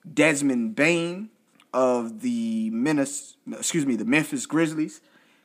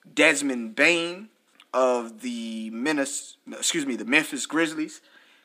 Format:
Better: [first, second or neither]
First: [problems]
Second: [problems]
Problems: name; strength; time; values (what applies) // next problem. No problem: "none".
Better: first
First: none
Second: thin; very slightly; fading below 300 Hz